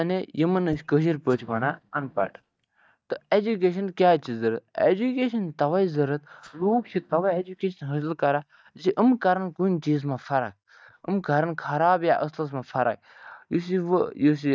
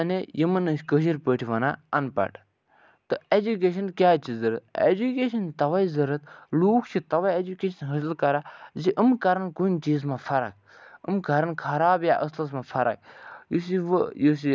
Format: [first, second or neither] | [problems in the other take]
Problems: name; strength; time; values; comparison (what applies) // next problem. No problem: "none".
second | noise reduction (neural mask model DeepFilterNet 3)